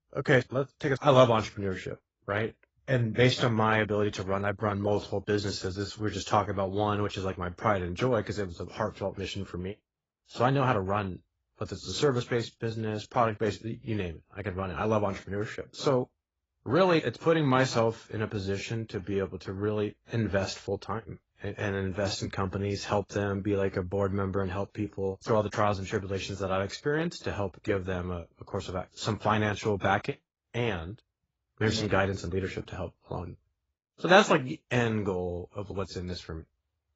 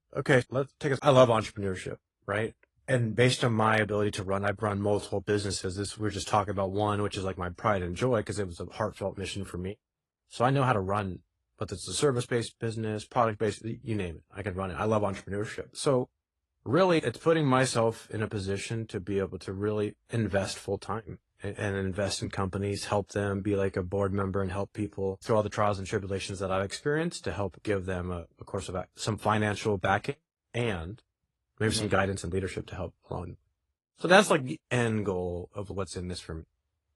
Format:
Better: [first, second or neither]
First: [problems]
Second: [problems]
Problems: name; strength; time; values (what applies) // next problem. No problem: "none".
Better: second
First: garbled, watery; badly; nothing above 7.5 kHz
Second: garbled, watery; slightly